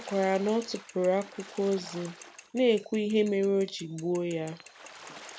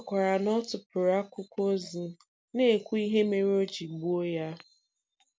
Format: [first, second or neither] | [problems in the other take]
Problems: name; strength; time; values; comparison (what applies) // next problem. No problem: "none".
second | background sound (Water / Splash, splatter + Mechanisms / Bicycle); 19 dB below the speech